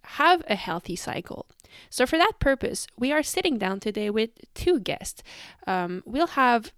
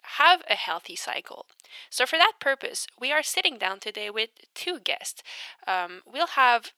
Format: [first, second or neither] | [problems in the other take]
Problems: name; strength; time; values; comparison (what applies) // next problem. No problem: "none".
first | thin; very; fading below 750 Hz